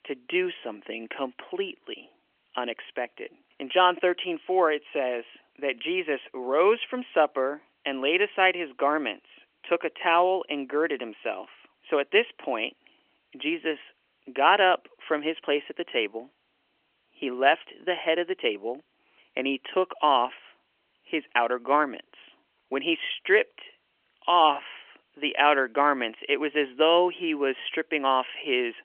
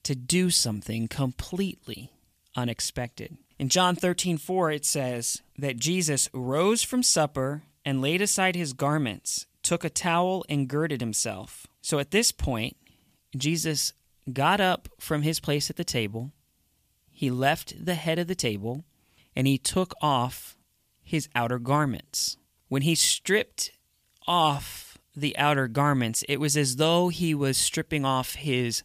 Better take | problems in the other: second | phone-call audio; nothing above 3 kHz

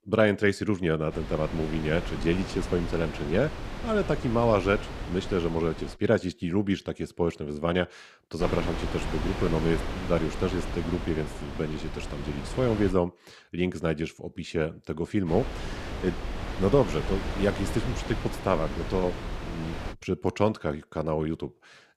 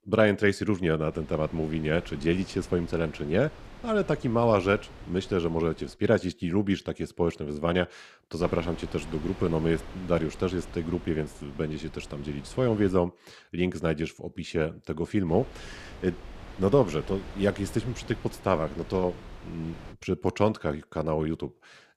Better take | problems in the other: second | wind noise on the microphone; heavy; from 1 to 6 s, from 8.5 to 13 s and from 15 to 20 s; 8 dB below the speech; occasional gusts in the second

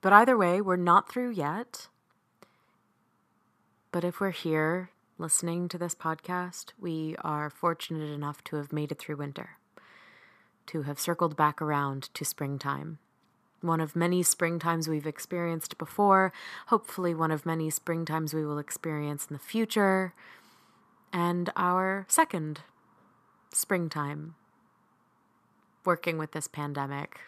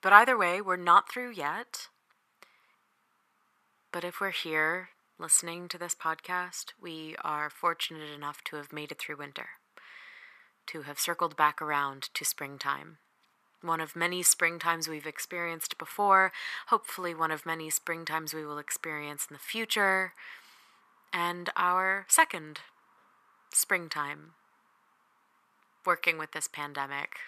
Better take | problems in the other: first | thin; somewhat; fading below 1 kHz

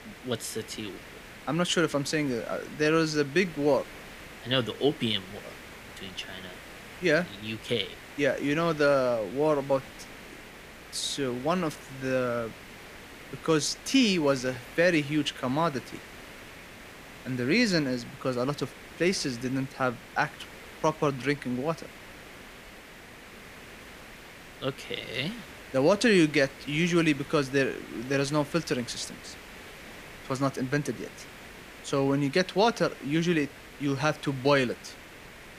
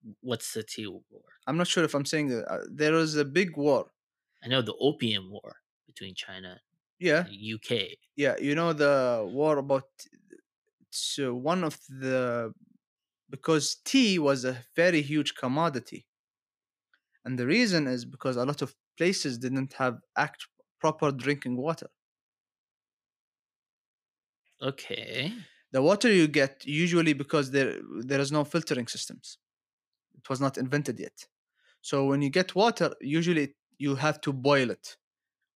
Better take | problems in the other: second | hiss; noticeable; throughout; 15 dB below the speech

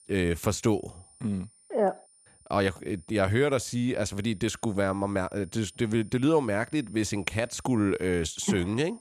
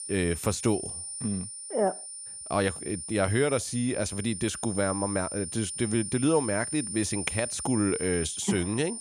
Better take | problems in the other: first | high-pitched whine; loud; throughout; 9 kHz, 6 dB below the speech; faint in the first

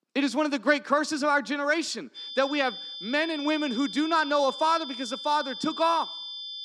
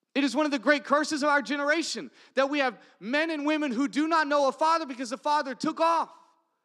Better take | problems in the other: second | high-pitched whine; loud; from 2 s on; 3.5 kHz, 9 dB below the speech

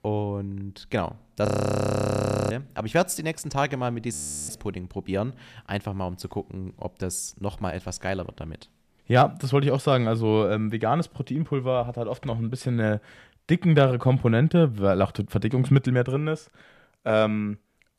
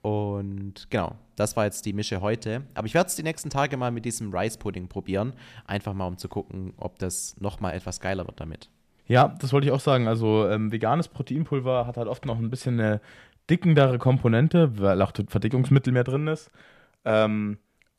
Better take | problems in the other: second | audio freezing; at 1.5 s for 1 s and at 4 s

